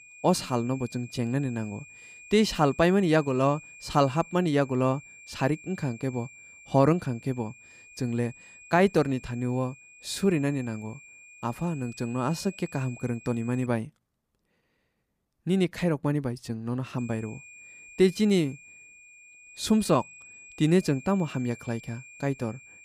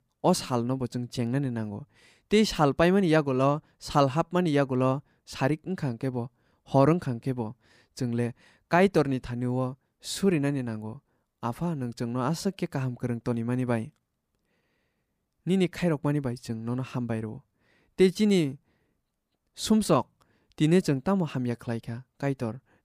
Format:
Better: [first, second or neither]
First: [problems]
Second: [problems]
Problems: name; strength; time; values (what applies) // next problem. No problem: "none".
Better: second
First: high-pitched whine; noticeable; until 14 s and from 17 s on; 2.5 kHz, 20 dB below the speech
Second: none